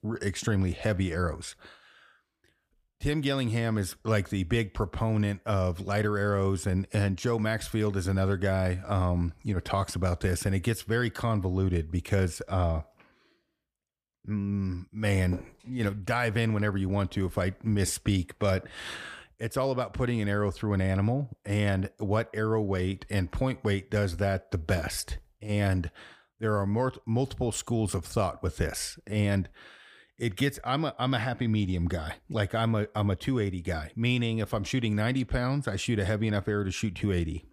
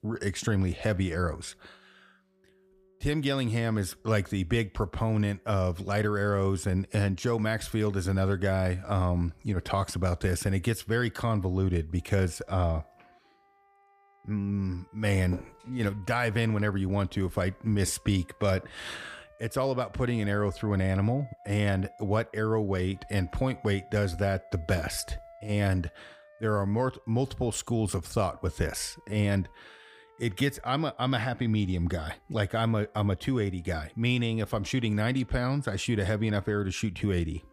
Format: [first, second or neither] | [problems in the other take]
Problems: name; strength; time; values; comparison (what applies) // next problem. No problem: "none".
first | background music; faint; throughout; 25 dB below the speech